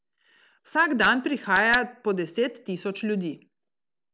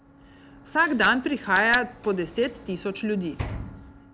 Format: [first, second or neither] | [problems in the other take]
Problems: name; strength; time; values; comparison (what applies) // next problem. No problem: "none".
first | background sound (Sliding door / Slam); 15 dB below the speech